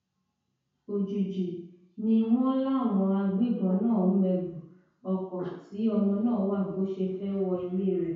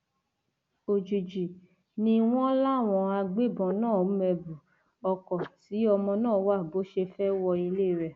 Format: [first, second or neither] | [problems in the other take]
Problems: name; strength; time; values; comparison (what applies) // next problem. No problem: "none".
second | room echo; dies away in 0.6 s